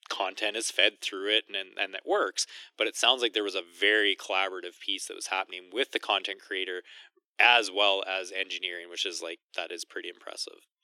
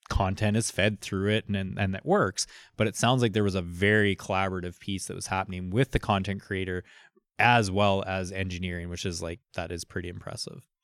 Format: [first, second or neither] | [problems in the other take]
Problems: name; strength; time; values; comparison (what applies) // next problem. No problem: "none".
second | thin; very; fading below 300 Hz